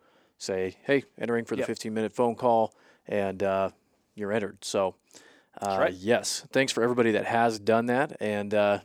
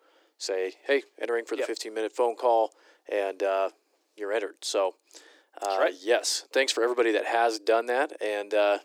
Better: first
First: none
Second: thin; very; fading below 300 Hz

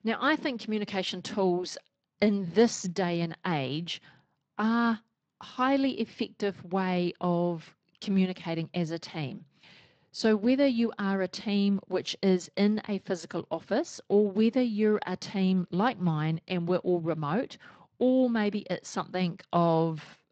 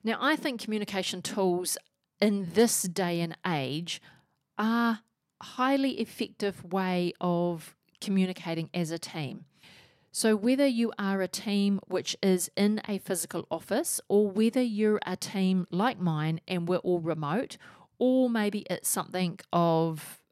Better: second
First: garbled, watery; slightly; nothing above 7.5 kHz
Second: none

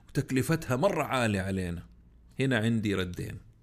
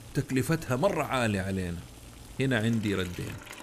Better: first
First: none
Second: household noises; noticeable; throughout; 20 dB below the speech

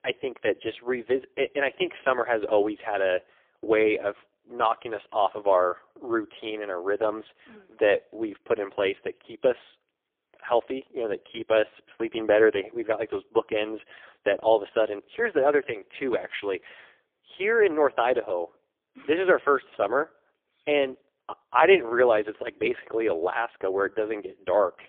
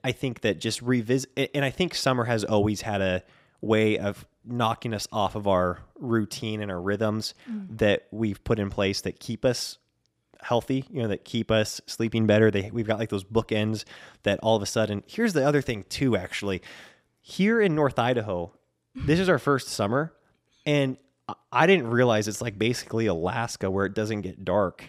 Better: second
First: phone-call audio; poor line; nothing above 3.5 kHz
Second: none

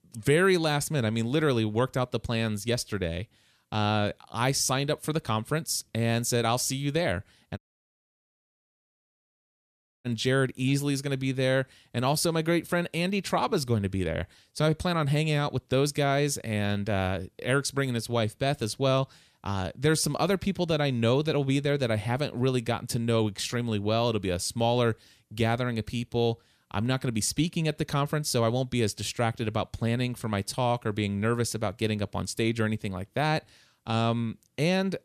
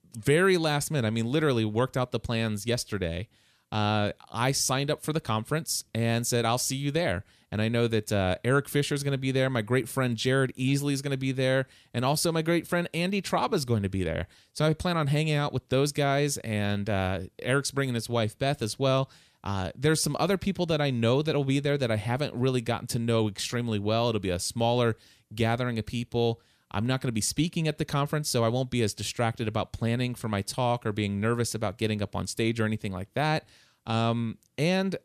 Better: second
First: audio cutting out; at 7.5 s for 2.5 s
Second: none

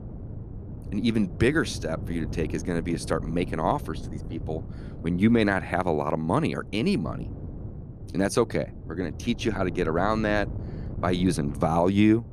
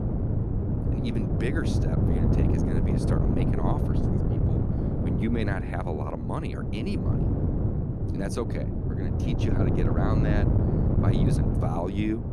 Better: first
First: wind noise on the microphone; occasional gusts; 20 dB below the speech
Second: wind noise on the microphone; heavy; 1 dB above the speech

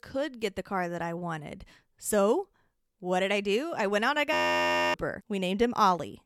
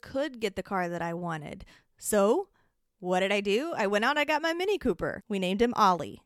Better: second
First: audio freezing; at 4.5 s for 0.5 s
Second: none

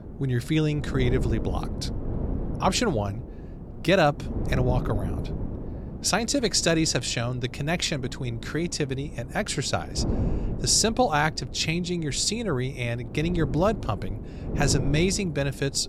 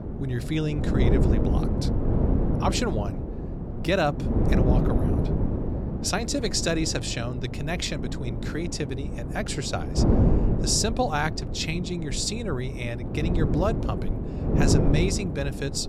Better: first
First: wind noise on the microphone; occasional gusts; 15 dB below the speech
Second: wind noise on the microphone; heavy; 4 dB below the speech

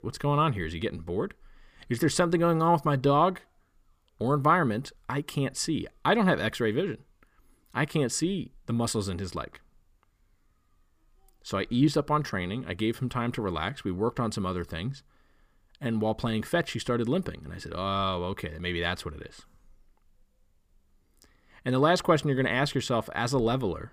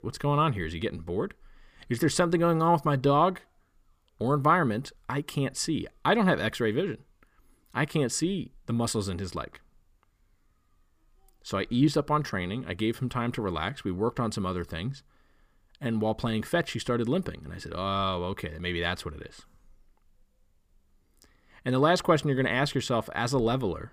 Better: neither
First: none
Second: none

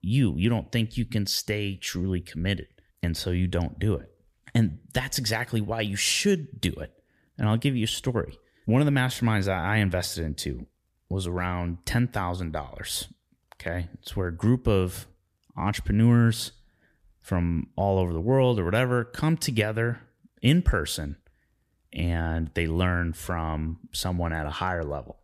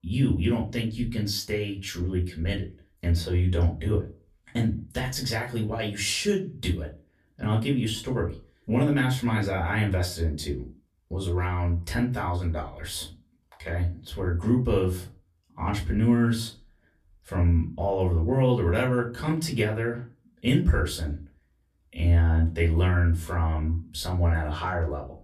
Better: first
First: none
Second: off-mic speech; far // room echo; very slight; dies away in 0.2 s

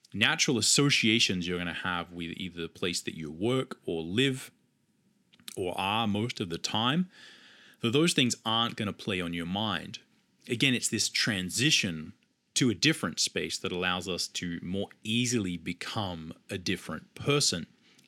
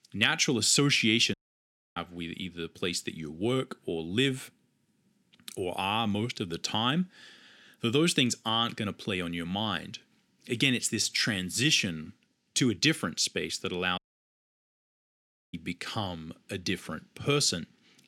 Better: first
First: none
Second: audio cutting out; at 1.5 s for 0.5 s and at 14 s for 1.5 s

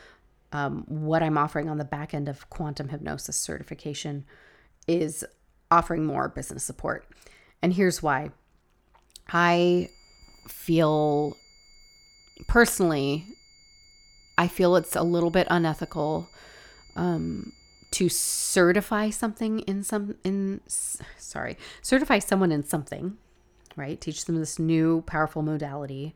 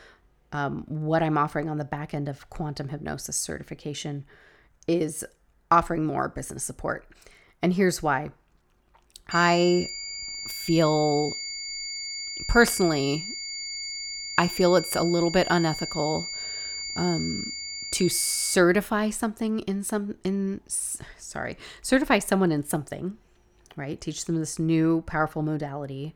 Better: first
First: high-pitched whine; faint; from 9.5 to 19 s; 4.5 kHz, 30 dB below the speech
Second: high-pitched whine; loud; from 9.5 to 19 s; 4.5 kHz, 6 dB below the speech

